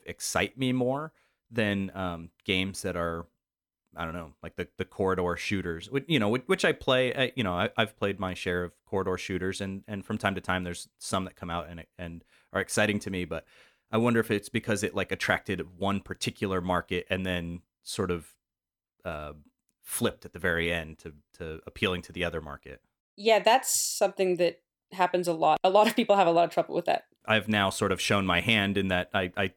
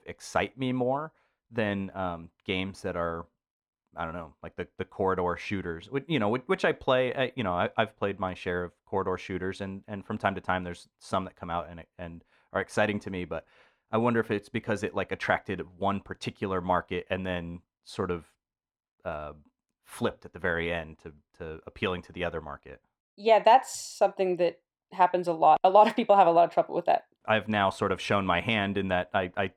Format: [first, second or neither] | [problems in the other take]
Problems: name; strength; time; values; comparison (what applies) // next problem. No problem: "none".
first | muffled; slightly; fading above 1.5 kHz